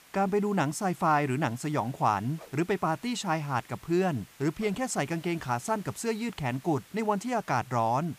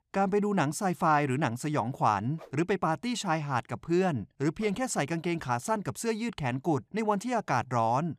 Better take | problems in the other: second | hiss; faint; throughout; 25 dB below the speech

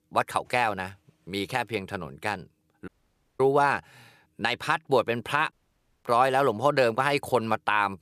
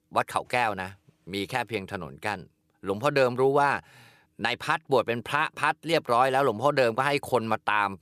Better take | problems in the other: second | audio cutting out; at 3 s for 0.5 s and at 5.5 s for 0.5 s

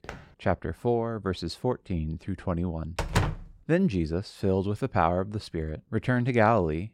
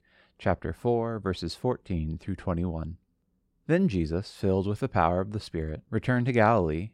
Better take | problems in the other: second | footsteps; faint; at the start; peak 15 dB below the speech // door banging; loud; at 3 s; peak level with the speech

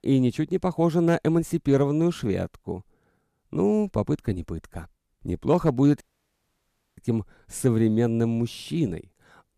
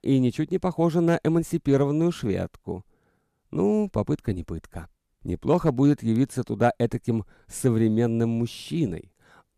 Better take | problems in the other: second | audio cutting out; at 6 s for 1 s

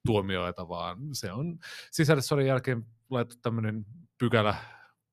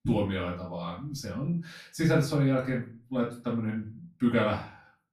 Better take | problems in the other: first | off-mic speech; far // room echo; slight; dies away in 0.3 s

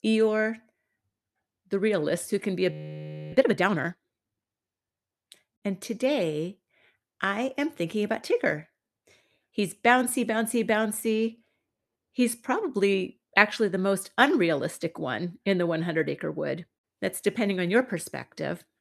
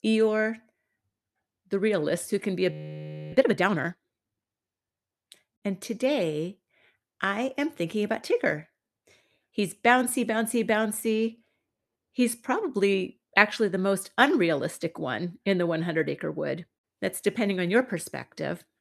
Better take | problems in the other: neither | audio freezing; at 2.5 s for 0.5 s; the same in both

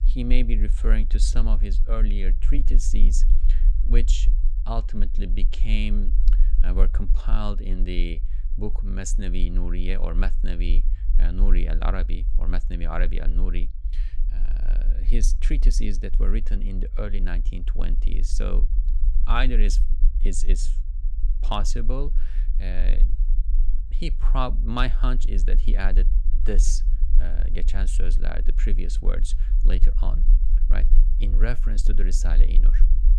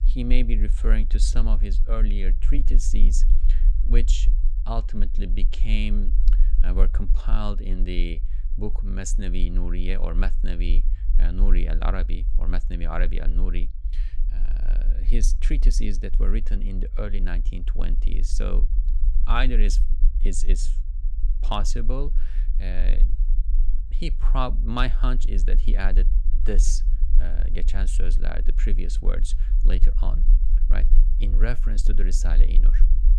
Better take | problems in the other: neither | low rumble; noticeable; throughout; 15 dB below the speech; the same in both

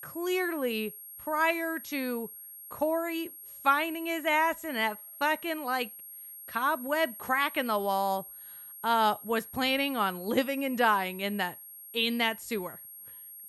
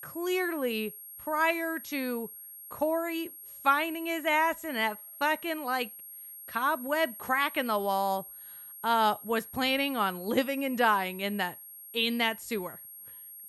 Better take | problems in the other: neither | high-pitched whine; noticeable; throughout; 11.5 kHz, 15 dB below the speech; the same in both

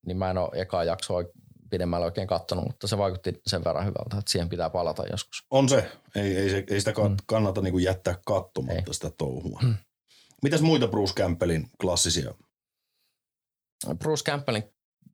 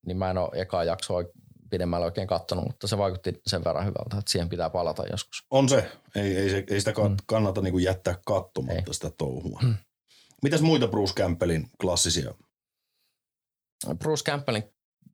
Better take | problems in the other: neither | none

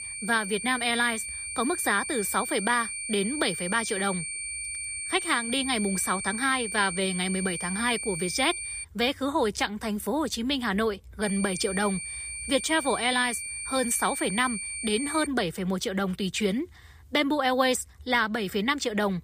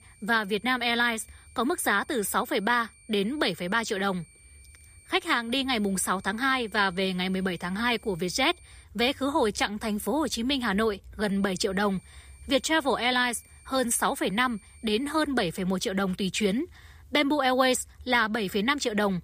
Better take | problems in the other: second | high-pitched whine; loud; until 9 s and from 11 to 15 s; 9 kHz, 5 dB below the speech; faint in the second

